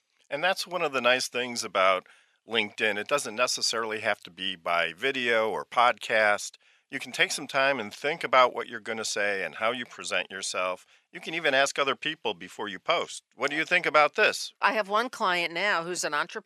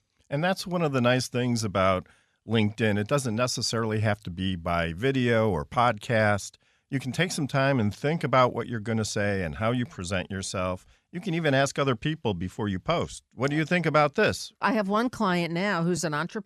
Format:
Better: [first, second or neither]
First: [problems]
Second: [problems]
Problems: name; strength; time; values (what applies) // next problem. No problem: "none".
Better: second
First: thin; very; fading below 500 Hz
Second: none